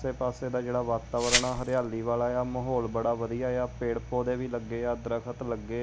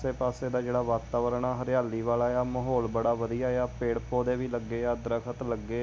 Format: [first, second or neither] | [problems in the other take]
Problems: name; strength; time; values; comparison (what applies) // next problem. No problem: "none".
second | background sound (Glass); 2 dB below the speech